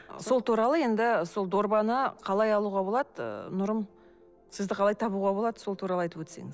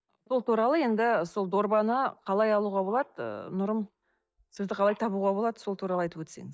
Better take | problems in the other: first | noise reduction (neural mask model DeepFilterNet 3)

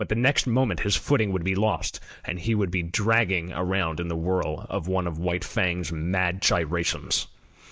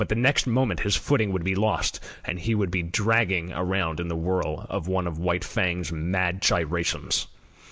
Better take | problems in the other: second | noise reduction (neural mask model DeepFilterNet 3)

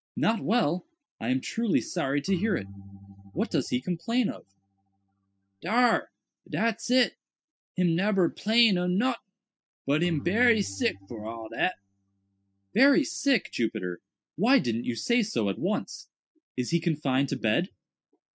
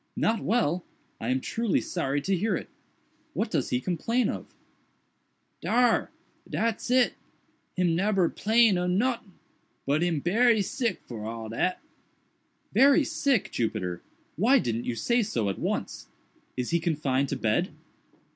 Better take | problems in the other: second | noise reduction (classical method spectral subtraction)

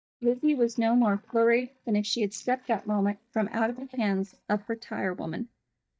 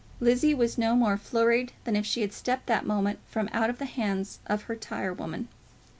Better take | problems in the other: second | noise reduction (neural mask model DeepFilterNet 3)

